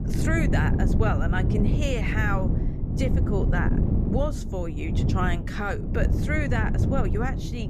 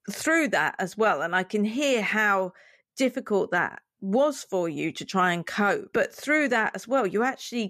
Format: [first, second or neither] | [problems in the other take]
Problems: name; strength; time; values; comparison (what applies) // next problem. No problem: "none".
second | wind noise on the microphone; heavy; 5 dB below the speech